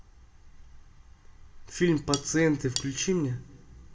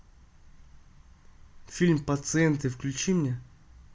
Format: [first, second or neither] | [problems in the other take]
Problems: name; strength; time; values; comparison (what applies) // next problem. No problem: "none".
second | background sound (Cutlery, silverware); 8 dB below the speech // room echo; dies away in 1 s